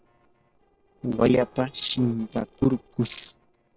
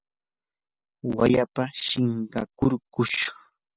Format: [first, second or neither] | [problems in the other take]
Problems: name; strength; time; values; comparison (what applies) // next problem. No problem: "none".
second | noise reduction (neural separator model SepFormer DNS4)